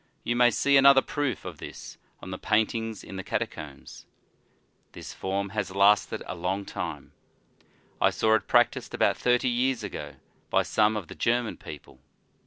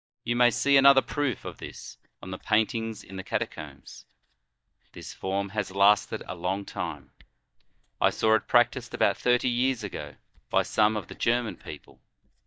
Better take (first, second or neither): first